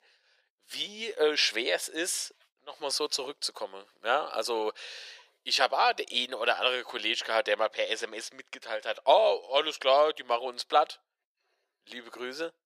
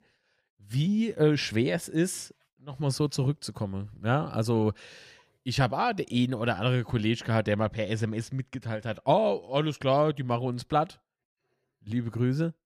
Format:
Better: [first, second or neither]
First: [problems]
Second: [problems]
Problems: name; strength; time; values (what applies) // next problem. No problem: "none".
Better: second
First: thin; very; fading below 450 Hz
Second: none